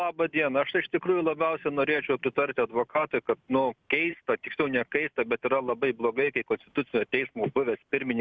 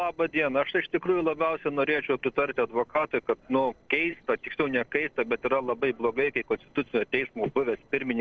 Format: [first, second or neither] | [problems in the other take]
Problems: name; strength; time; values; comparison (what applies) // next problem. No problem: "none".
first | noise reduction (neural separator model SepFormer DNS4)